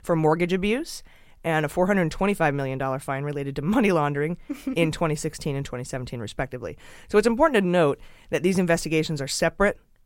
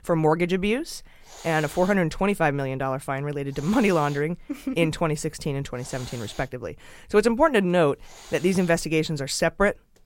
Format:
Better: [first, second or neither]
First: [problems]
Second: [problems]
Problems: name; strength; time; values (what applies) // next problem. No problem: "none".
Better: first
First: none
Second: hiss; noticeable; throughout; 20 dB below the speech